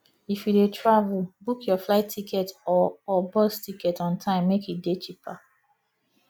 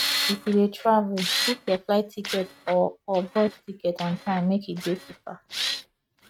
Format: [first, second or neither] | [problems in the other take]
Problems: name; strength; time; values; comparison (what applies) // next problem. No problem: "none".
first | noise reduction (neural mask model RNNoise)